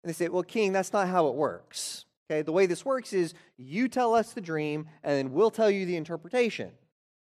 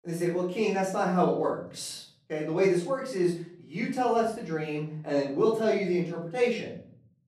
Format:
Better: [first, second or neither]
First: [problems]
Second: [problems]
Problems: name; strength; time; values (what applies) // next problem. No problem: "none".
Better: first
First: none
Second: off-mic speech; far // room echo; noticeable; dies away in 0.6 s